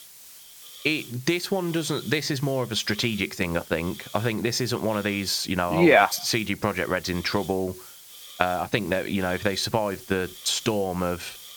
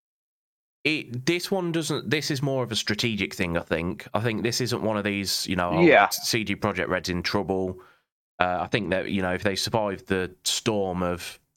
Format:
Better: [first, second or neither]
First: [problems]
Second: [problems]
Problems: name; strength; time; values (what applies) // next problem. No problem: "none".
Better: second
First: hiss; noticeable; throughout; 15 dB below the speech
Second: none